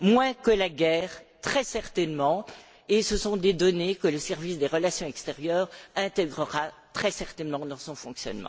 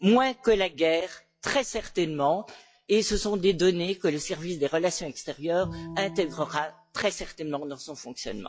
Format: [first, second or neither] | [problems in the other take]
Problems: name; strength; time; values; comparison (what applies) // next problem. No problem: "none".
first | noise reduction (classical method log-MMSE)